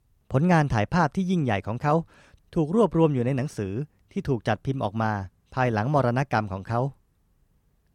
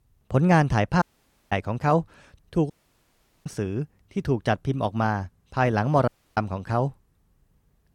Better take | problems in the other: first | audio cutting out; at 1 s, at 2.5 s for 1 s and at 6 s

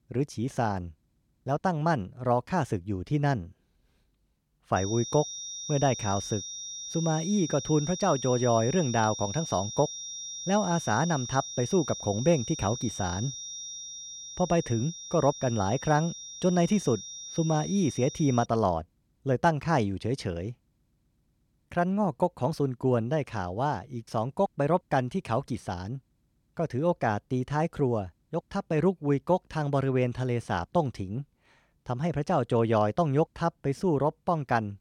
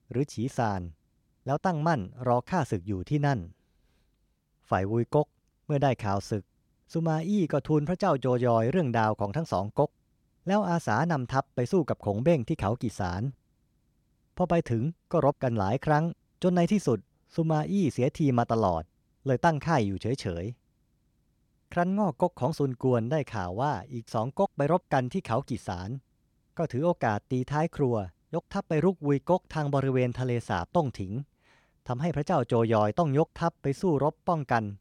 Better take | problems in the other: second | high-pitched whine; loud; from 5 to 18 s; 5.5 kHz, 9 dB below the speech

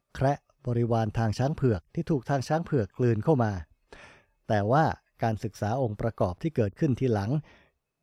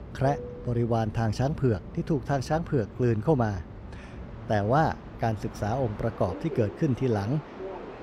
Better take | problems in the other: first | train or aircraft noise; noticeable; throughout; 15 dB below the speech

